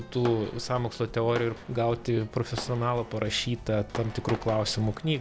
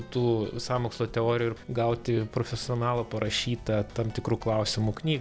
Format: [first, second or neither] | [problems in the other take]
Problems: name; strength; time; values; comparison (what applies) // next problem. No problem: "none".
second | background sound (Fireworks); 15 dB below the speech